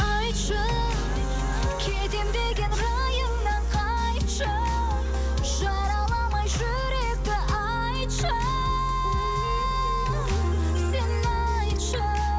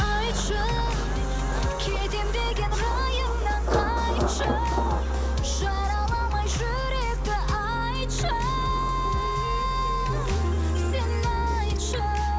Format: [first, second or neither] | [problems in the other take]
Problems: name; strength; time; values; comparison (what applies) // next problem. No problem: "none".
first | background sound (Thunder); 12 dB below the speech